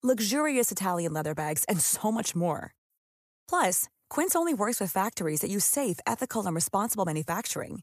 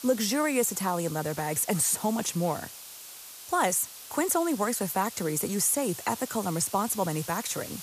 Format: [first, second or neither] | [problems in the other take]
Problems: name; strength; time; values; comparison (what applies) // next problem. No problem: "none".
first | hiss; noticeable; throughout; 15 dB below the speech